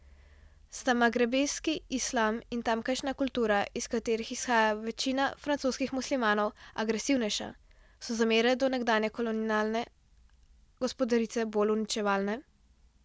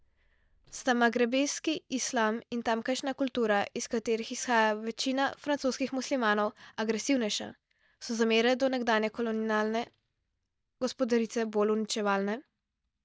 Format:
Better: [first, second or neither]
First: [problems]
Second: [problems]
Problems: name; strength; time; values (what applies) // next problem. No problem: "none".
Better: first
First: none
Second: noise reduction (neural mask model DeepFilterNet 3)